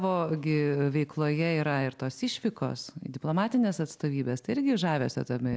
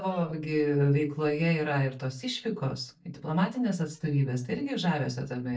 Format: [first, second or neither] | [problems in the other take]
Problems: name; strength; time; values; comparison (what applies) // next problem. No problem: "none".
first | noise reduction (neural mask model DeepFilterNet 3)